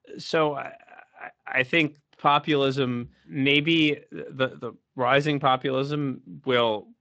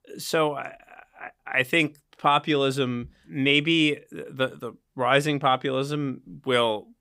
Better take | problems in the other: second | garbled, watery; slightly; nothing above 7.5 kHz

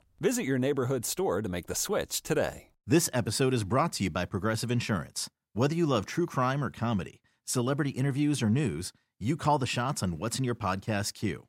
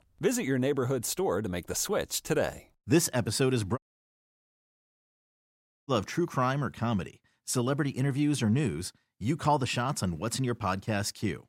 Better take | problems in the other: first | audio cutting out; at 4 s for 2 s

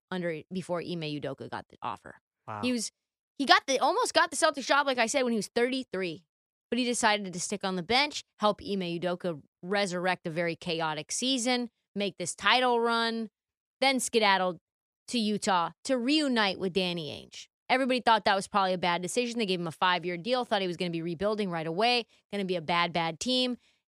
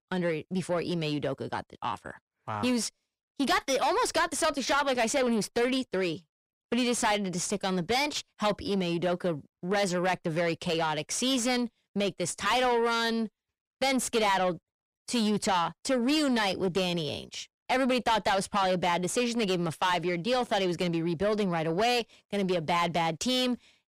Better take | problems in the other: first | distortion; heavy; 7 dB below the speech

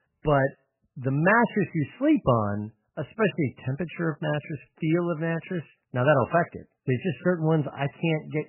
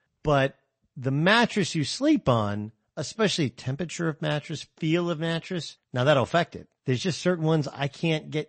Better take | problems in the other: second | garbled, watery; badly; nothing above 3 kHz; slightly in the second

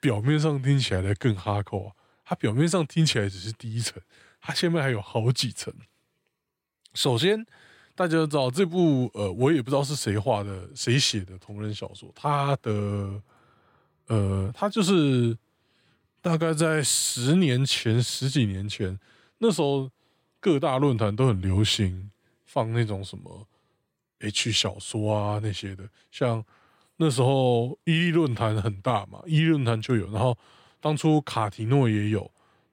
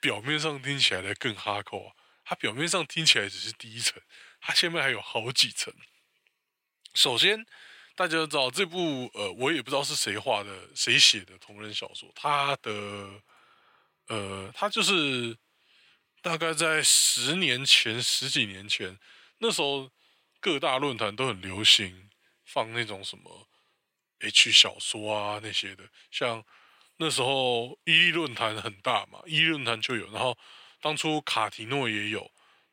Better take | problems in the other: first | thin; somewhat; fading below 1 kHz

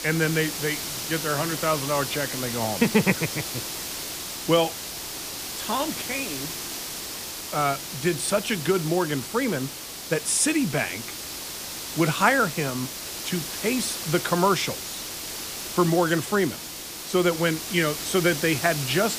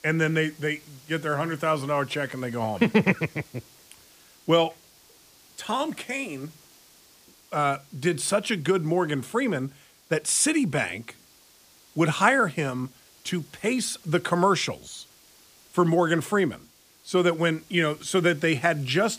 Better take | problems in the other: second | hiss; loud; throughout; 6 dB below the speech; faint in the second

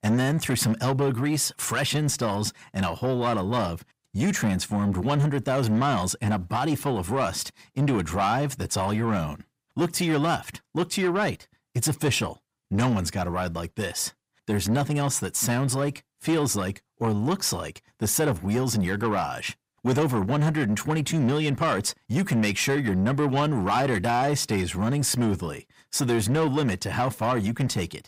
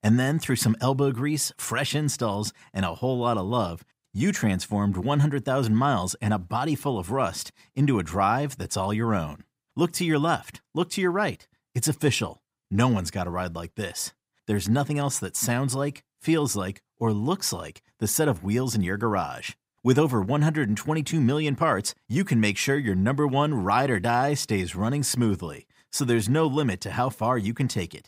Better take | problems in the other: second | distortion; slight; 10 dB below the speech

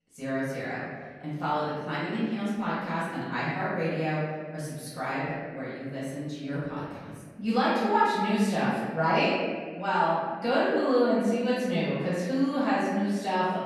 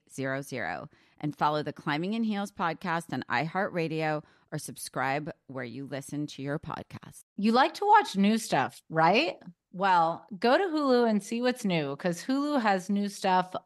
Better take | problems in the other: second | off-mic speech; far // room echo; strong; dies away in 1.5 s

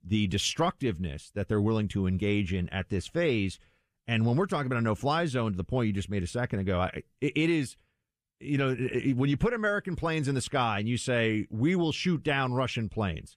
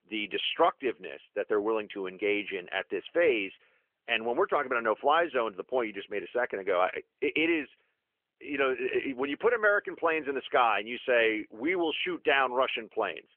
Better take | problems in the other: first | phone-call audio; nothing above 3 kHz

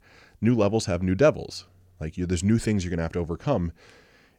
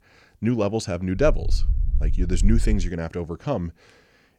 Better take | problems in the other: first | low rumble; very faint; from 1 to 3 s; 20 dB below the speech

